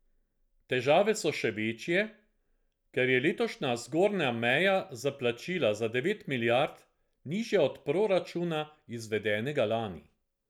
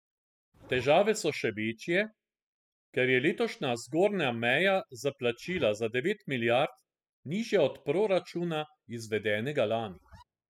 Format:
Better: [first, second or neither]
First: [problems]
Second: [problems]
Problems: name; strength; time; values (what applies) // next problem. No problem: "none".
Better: first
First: none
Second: noise reduction (classical method spectral subtraction)